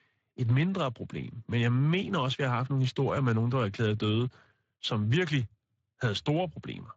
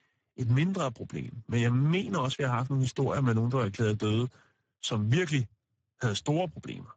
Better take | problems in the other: first | garbled, watery; badly; nothing above 7.5 kHz; slightly in the first

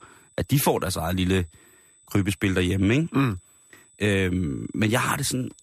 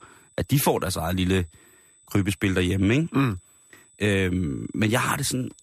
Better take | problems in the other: neither | high-pitched whine; faint; throughout; 8 kHz, 30 dB below the speech; the same in both

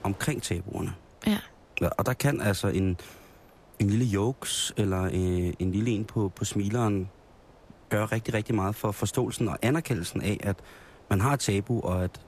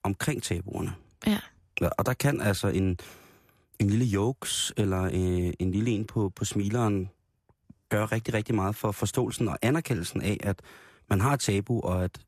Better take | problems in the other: second | wind noise on the microphone; occasional gusts; 25 dB below the speech

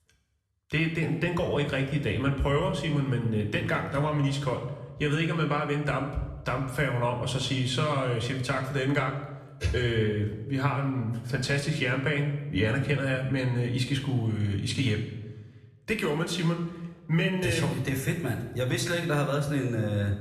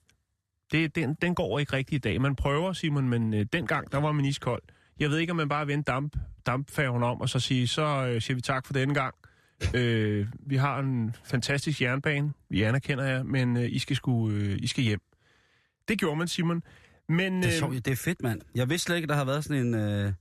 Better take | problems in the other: second | room echo; slight; dies away in 0.8 s

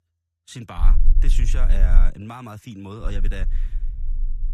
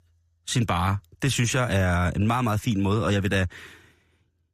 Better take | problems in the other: second | low rumble; noticeable; from 1 to 2 s and from 3 s on; 10 dB below the speech

